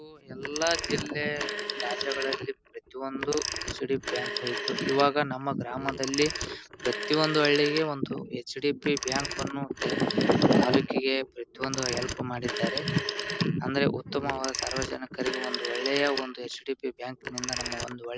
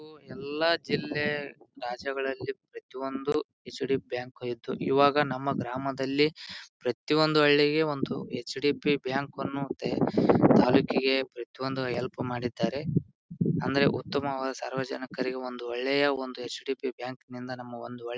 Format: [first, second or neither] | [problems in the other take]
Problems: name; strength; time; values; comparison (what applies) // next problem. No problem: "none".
second | background sound (Telephone); 6 dB below the speech